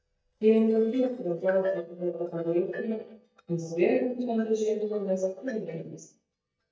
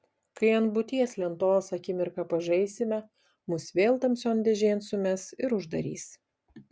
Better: second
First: noise reduction (neural mask model DeepFilterNet 3)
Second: none

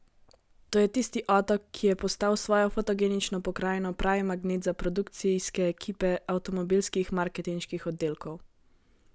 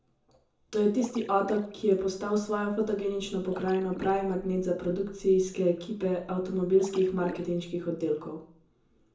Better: first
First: none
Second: background sound (Splash, splatter); 17 dB below the speech // room echo; dies away in 0.6 s

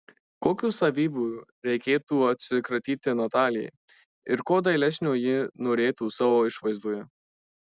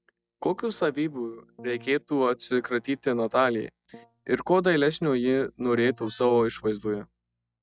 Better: first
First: none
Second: noise reduction (neural mask model DeepFilterNet 3)

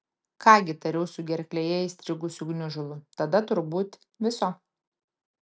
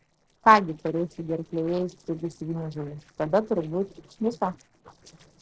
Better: first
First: none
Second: noise reduction (neural separator model SepFormer DNS4)

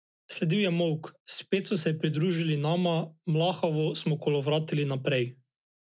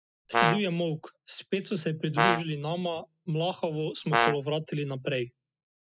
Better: first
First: none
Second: noise reduction (classical method spectral subtraction)

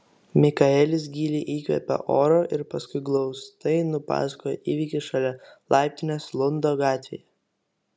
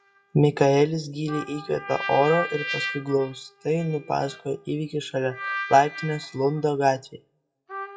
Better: first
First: none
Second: noise reduction (classical method WPE with log-MMSE)

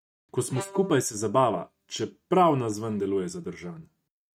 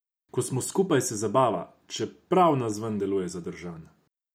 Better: second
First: noise reduction (neural mask model RNNoise)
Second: none

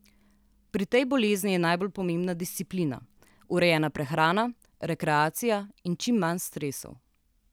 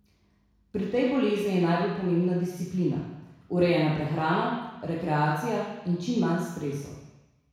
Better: first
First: none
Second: room echo; dies away in 1.1 s

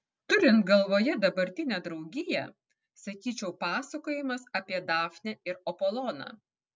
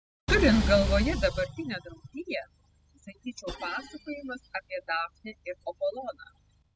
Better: first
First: none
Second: noise reduction (classical method spectral subtraction)

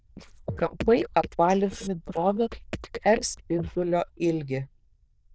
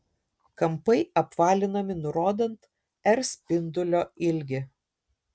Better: second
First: noise reduction (neural diffusion model UNIVERSE++)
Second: none

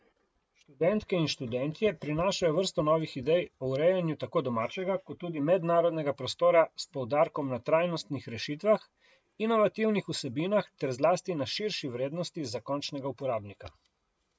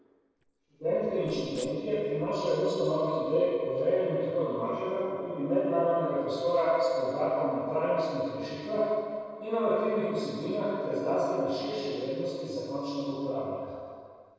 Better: first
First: none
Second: noise reduction (neural separator model SepFormer DNS4)

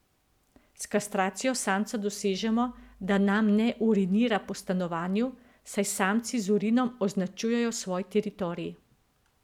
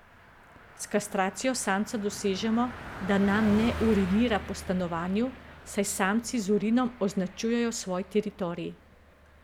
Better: first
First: none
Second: background sound (Car passing by); 13 dB below the speech

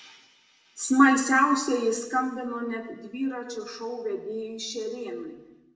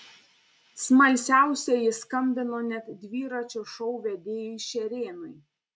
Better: second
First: room echo; dies away in 0.9 s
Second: none

